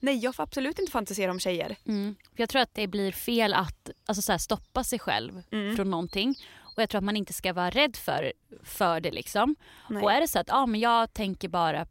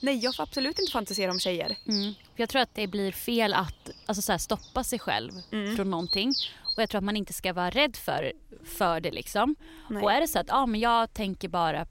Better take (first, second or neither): first